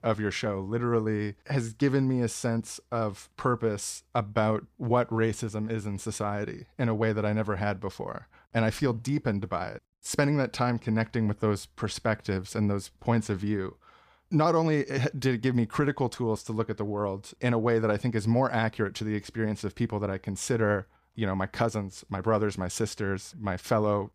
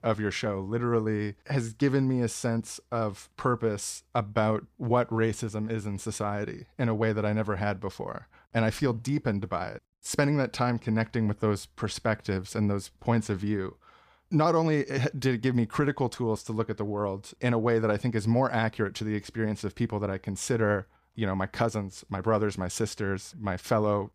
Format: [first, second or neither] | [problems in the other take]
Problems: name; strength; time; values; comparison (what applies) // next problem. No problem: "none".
neither | none